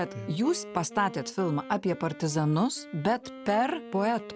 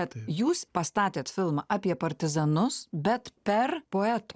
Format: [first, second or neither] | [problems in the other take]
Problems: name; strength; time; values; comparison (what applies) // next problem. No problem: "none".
second | background sound (Wind instrument, woodwind instrument); 15 dB below the speech